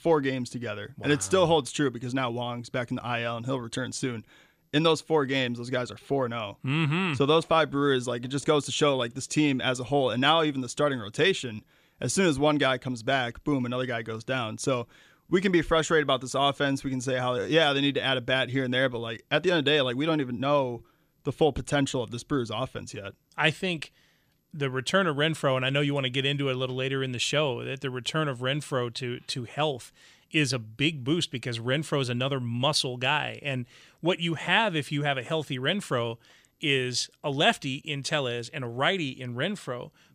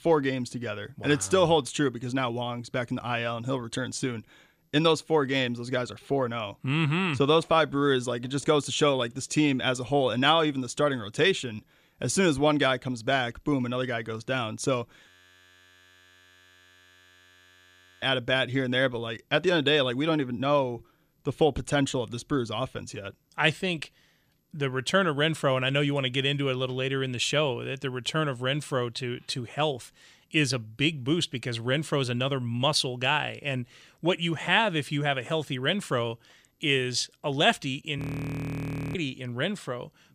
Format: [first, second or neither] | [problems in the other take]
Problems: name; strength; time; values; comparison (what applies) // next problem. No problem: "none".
first | audio freezing; at 15 s for 3 s and at 38 s for 1 s